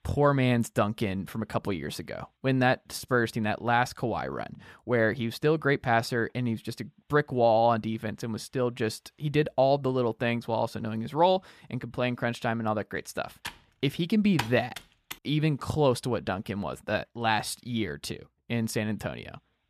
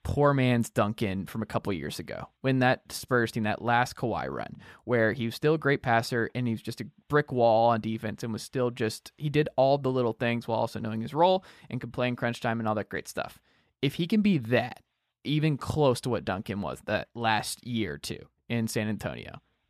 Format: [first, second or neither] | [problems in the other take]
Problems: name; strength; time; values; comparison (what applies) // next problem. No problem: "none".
second | keyboard typing; noticeable; from 13 to 15 s; peak 7 dB below the speech